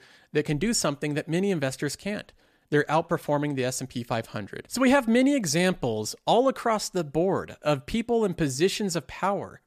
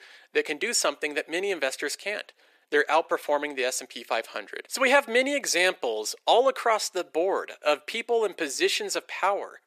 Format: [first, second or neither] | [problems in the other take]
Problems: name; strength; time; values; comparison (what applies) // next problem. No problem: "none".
first | thin; very; fading below 400 Hz